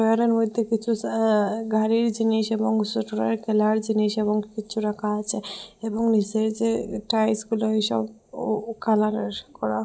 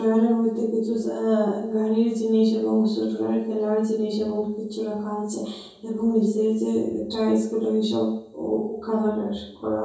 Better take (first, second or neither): first